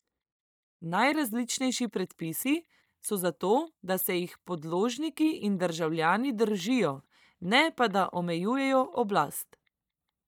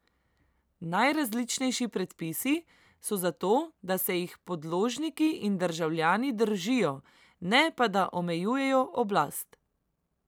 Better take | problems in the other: second | noise reduction (neural mask model DeepFilterNet 3)

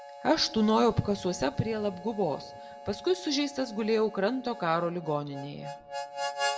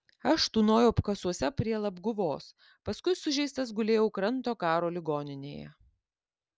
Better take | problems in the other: second | background sound (Harmonica); 11 dB below the speech // room echo; dies away in 1.6 s

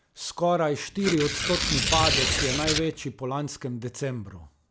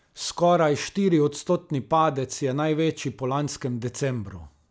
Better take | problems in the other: second | background sound (Tearing); 2 dB above the speech

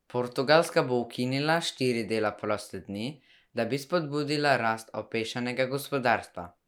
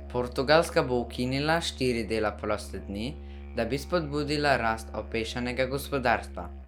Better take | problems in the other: first | background sound (Musical instrument); 12 dB below the speech

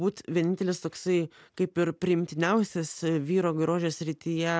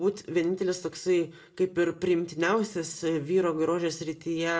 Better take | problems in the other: first | room echo; dies away in 0.3 s

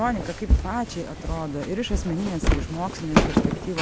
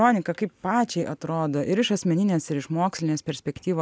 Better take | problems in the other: second | background sound (Walk, footsteps); 4 dB above the speech

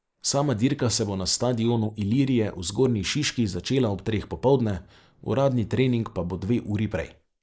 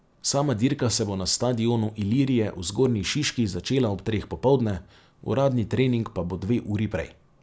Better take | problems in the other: second | noise reduction (neural mask model Resemble Enhance denoiser)

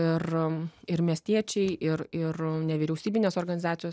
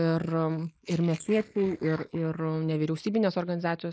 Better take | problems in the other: first | noise reduction (neural mask model Resemble Enhance denoiser)

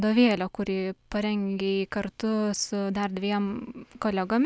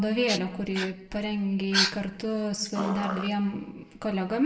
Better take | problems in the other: first | background sound (Dog); 6 dB below the speech // room echo; dies away in 0.8 s

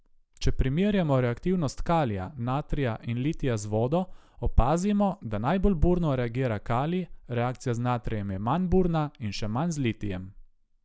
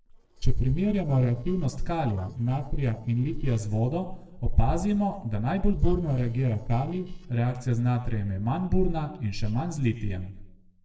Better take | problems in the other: first | noise reduction (neural separator model SepFormer DNS4)

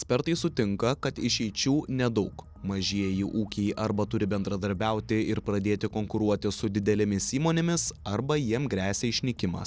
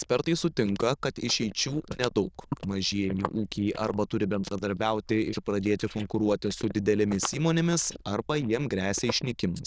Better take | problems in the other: first | noise reduction (neural diffusion model UNIVERSE++)

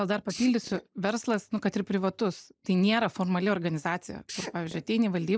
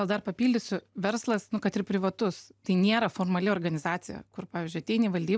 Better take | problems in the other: second | noise reduction (neural mask model Resemble Enhance denoiser)

